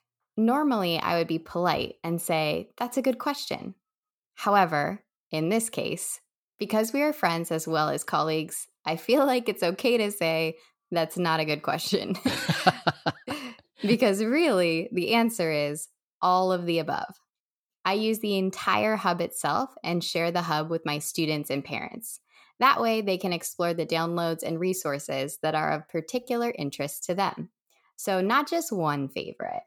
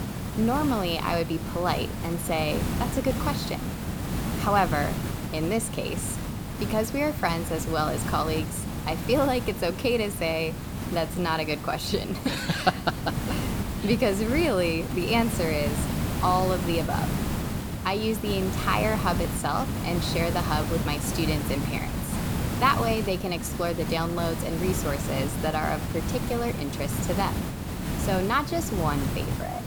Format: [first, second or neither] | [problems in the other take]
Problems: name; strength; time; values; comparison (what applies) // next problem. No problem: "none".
first | hiss; loud; throughout; 3 dB below the speech